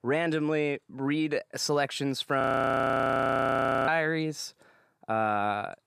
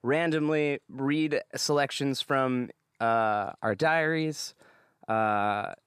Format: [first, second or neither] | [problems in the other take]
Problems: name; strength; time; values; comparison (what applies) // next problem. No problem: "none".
second | audio freezing; at 2.5 s for 1.5 s